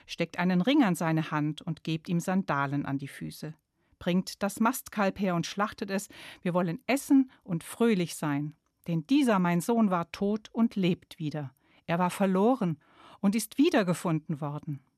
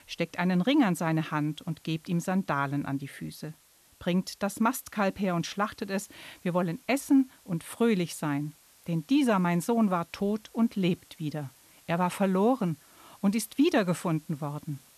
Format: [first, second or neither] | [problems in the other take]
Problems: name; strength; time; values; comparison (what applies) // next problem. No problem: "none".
first | hiss; faint; throughout; 30 dB below the speech